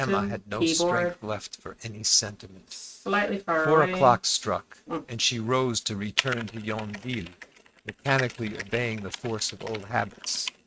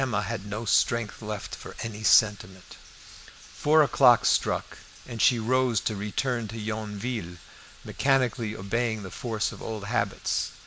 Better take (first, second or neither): second